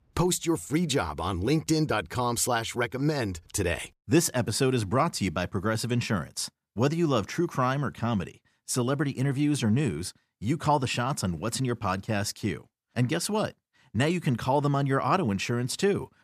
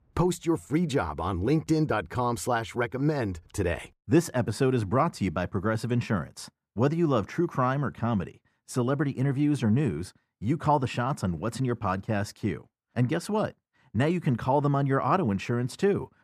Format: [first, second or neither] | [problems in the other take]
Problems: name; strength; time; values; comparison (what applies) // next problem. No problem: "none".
first | muffled; slightly; fading above 2.5 kHz